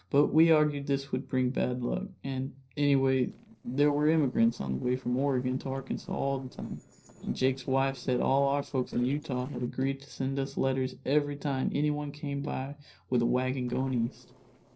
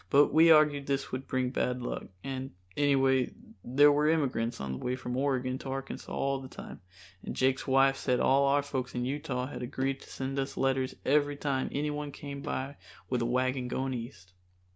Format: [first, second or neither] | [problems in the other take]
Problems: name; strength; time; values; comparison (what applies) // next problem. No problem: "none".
second | noise reduction (neural separator model SepFormer DNS4)